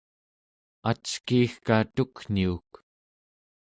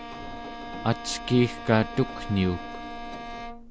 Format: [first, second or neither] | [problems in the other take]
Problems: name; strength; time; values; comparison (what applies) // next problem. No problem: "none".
first | background sound (Engine + Bowed string instrument); 9 dB below the speech